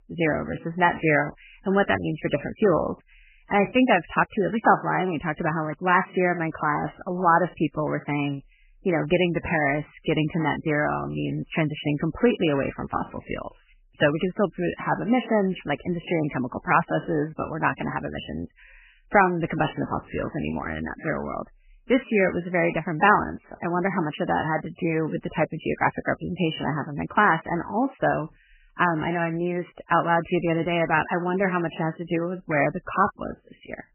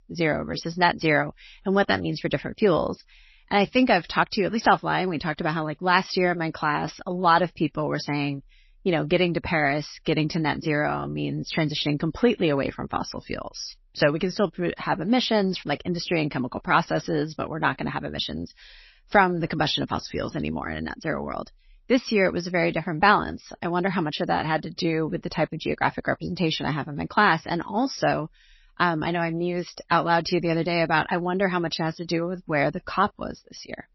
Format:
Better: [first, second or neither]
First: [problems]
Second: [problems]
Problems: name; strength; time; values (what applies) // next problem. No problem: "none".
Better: second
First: garbled, watery; badly; nothing above 3 kHz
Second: garbled, watery; slightly; nothing above 6 kHz